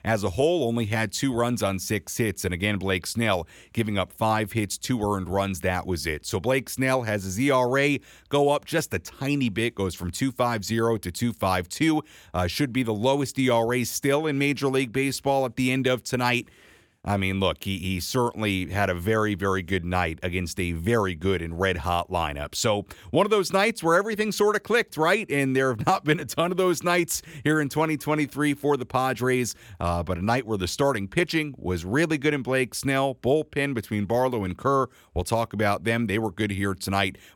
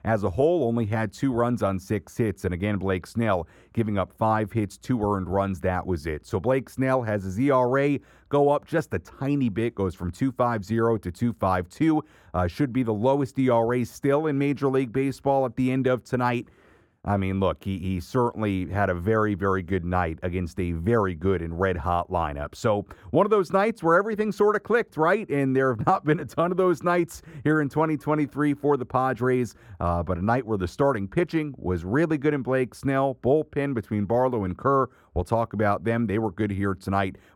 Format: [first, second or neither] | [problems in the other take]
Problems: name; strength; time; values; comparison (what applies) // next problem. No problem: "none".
first | muffled; slightly; fading above 1.5 kHz